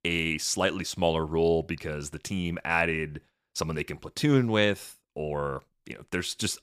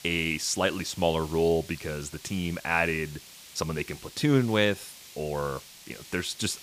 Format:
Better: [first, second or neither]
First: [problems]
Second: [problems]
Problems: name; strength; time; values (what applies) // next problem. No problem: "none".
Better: first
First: none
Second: hiss; noticeable; throughout; 15 dB below the speech